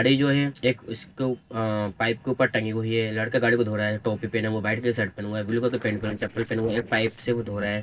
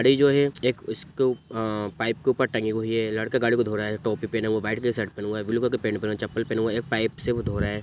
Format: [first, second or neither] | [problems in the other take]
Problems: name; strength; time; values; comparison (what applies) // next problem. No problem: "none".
second | noise reduction (neural separator model SepFormer DNS4)